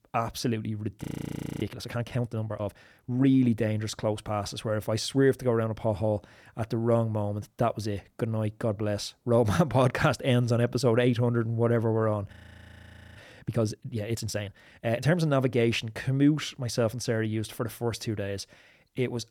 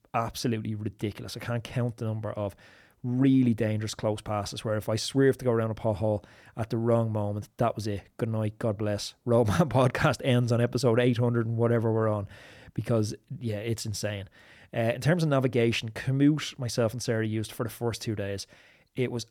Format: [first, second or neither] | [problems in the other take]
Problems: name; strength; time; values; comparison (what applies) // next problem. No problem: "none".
second | audio freezing; at 1 s for 0.5 s and at 12 s for 1 s